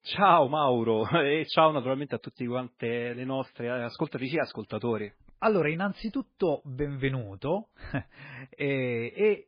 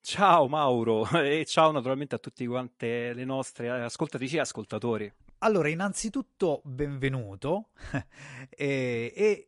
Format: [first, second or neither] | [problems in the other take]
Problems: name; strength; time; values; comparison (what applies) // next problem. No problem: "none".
second | garbled, watery; badly; slightly in the second